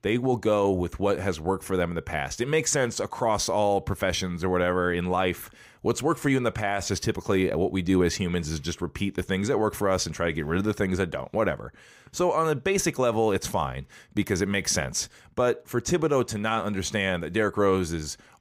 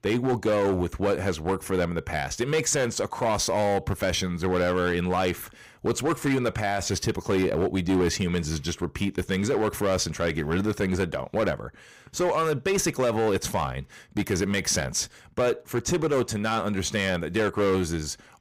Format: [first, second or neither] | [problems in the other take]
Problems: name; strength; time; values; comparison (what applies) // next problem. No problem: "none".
first | distortion; slight; 9% of the sound clipped